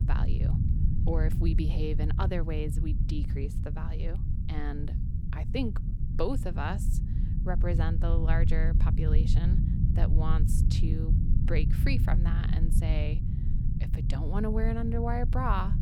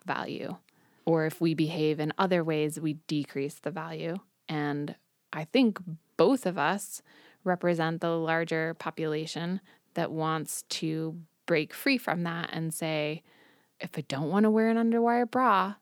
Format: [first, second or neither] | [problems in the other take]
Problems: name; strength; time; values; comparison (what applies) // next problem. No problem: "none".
second | low rumble; loud; throughout; 6 dB below the speech